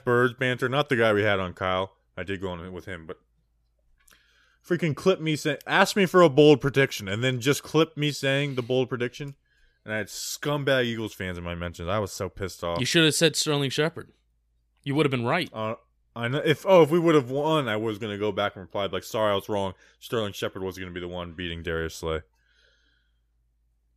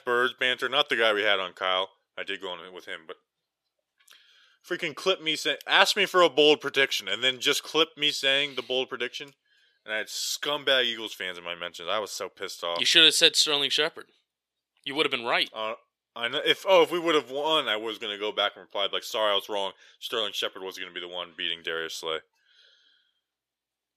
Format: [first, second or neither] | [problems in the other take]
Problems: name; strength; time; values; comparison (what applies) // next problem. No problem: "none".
first | thin; somewhat; fading below 450 Hz